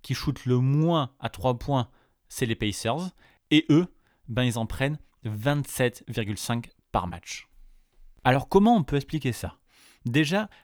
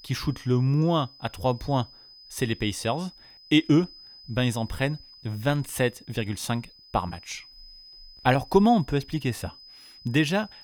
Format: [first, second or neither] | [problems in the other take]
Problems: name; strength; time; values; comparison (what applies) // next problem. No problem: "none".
first | high-pitched whine; faint; throughout; 5 kHz, 20 dB below the speech